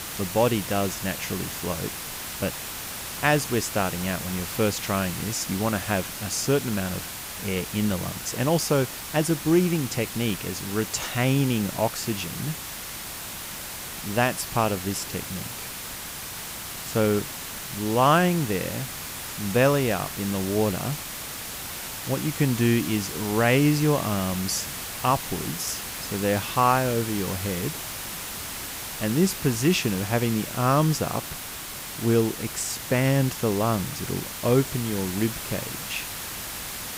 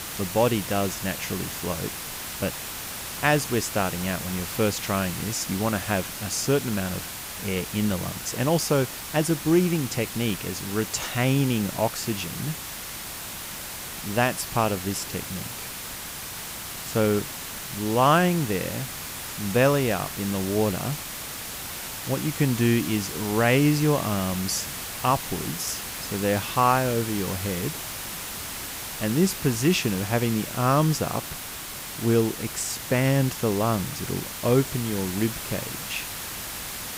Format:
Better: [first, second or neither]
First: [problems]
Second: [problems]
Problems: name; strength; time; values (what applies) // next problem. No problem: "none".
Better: neither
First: hiss; loud; throughout; 7 dB below the speech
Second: hiss; loud; throughout; 7 dB below the speech